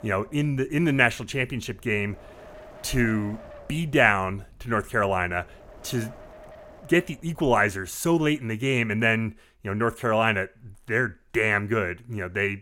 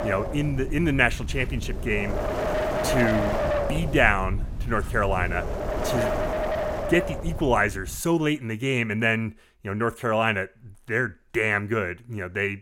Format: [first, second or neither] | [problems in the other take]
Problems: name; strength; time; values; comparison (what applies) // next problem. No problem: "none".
first | wind noise on the microphone; heavy; until 8 s; 2 dB below the speech; occasional gusts in the first